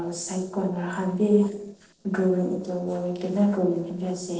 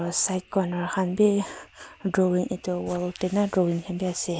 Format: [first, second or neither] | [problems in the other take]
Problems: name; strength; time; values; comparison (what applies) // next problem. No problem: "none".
second | noise reduction (neural separator model SepFormer DNS4)